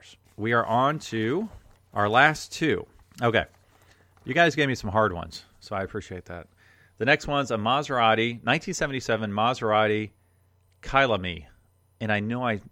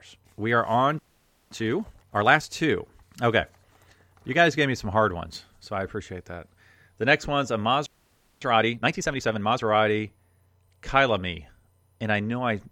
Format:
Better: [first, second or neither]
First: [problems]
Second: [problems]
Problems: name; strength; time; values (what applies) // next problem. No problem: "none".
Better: first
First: none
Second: audio freezing; at 1 s for 0.5 s and at 8 s for 0.5 s